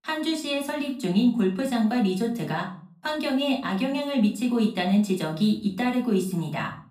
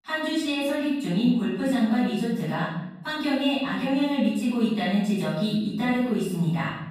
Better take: first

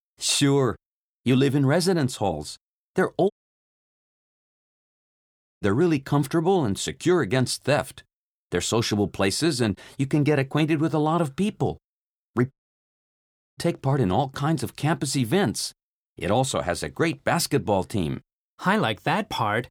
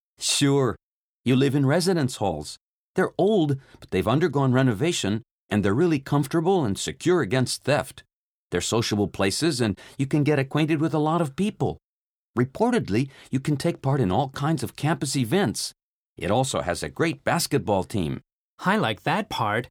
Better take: second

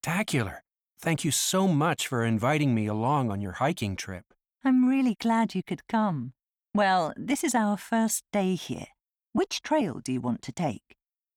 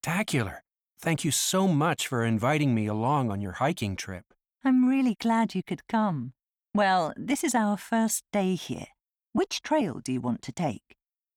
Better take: neither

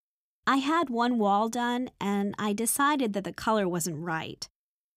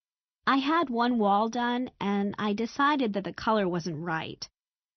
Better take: first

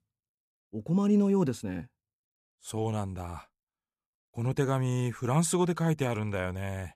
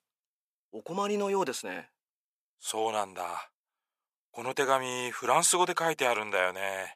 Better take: first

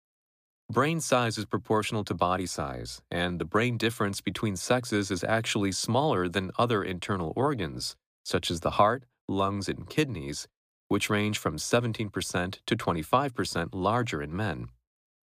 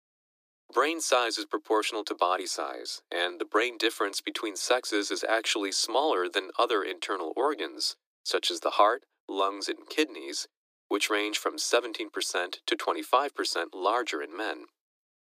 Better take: first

